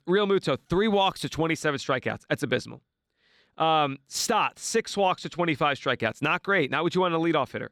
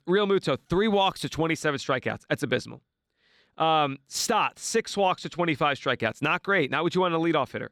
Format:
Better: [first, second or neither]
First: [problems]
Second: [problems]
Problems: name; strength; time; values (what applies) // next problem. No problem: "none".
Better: neither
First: none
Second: none